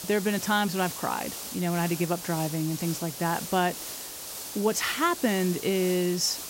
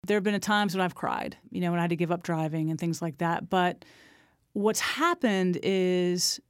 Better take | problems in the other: second | hiss; loud; throughout; 8 dB below the speech

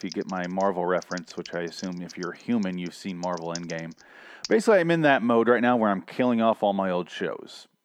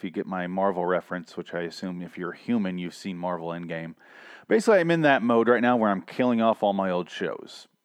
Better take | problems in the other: second | keyboard typing; faint; until 4.5 s; peak 15 dB below the speech

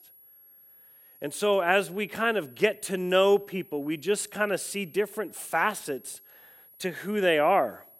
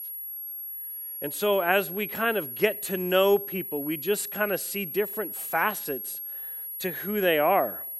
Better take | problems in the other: first | high-pitched whine; loud; throughout; 11.5 kHz, 7 dB below the speech; faint in the first

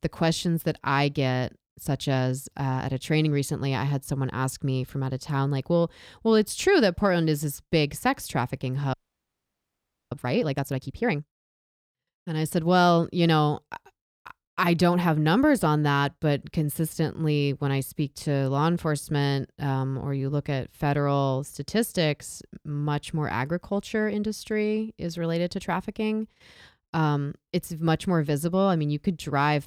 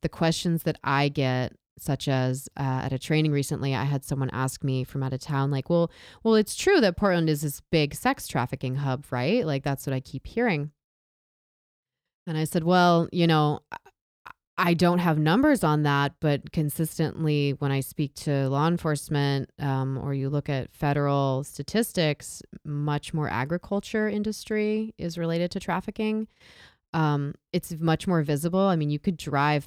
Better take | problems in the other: second | audio freezing; at 9 s for 1 s

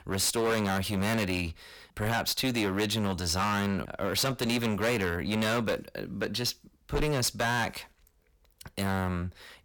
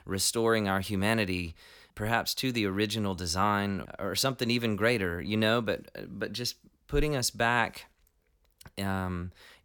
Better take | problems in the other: second | distortion; heavy; 15% of the sound clipped

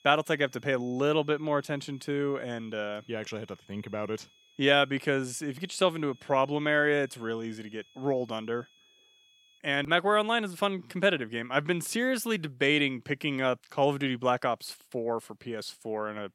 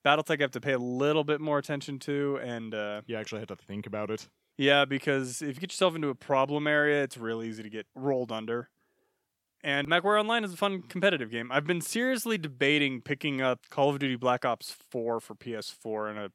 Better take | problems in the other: second | high-pitched whine; faint; until 9.5 s; 3.5 kHz, 30 dB below the speech

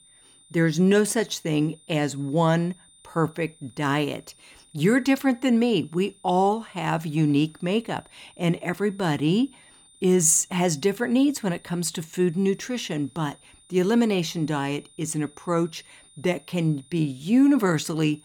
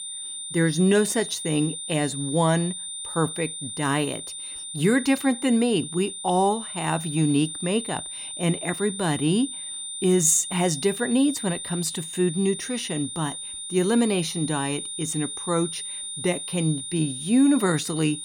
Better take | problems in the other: first | high-pitched whine; loud; throughout; 9 kHz, 7 dB below the speech; faint in the first

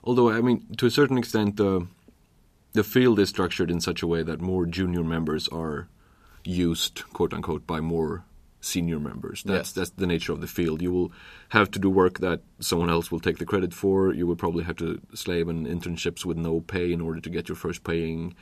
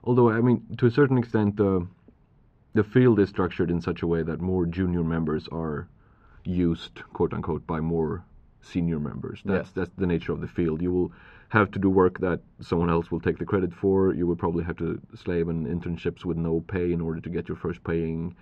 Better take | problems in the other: first | muffled; very; fading above 1.5 kHz

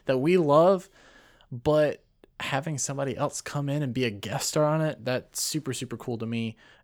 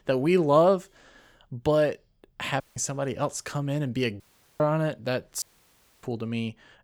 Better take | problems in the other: first | audio cutting out; at 2.5 s, at 4 s and at 5.5 s for 0.5 s

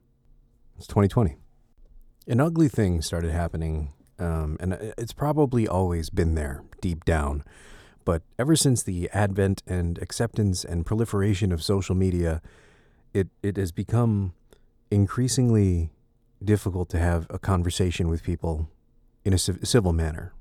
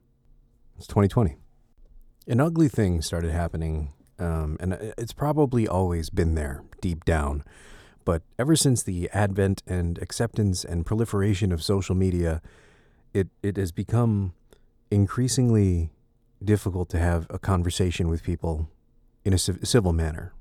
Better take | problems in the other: neither | none

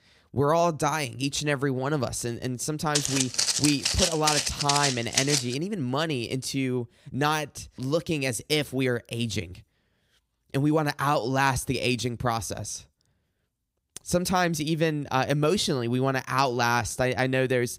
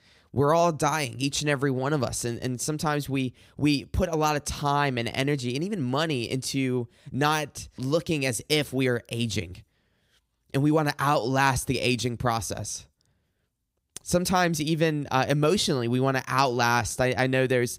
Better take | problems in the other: second | footsteps; loud; from 3 to 5.5 s; peak 3 dB above the speech

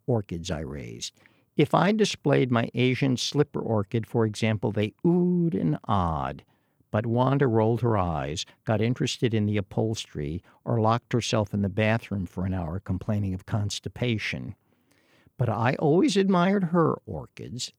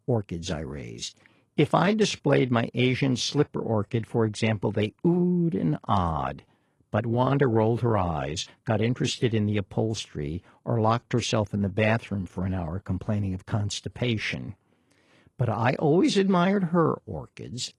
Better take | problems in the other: first | garbled, watery; slightly

